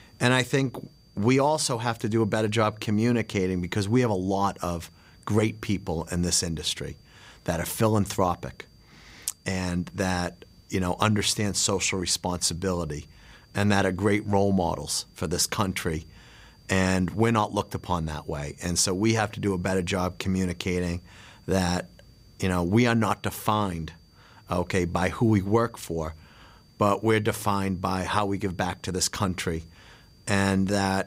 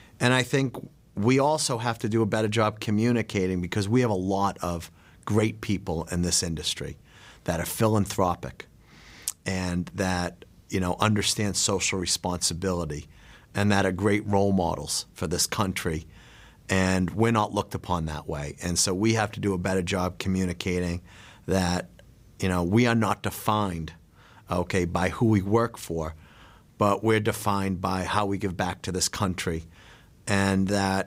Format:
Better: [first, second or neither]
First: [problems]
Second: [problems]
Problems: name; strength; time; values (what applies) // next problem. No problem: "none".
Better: second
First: high-pitched whine; faint; throughout; 4.5 kHz, 35 dB below the speech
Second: none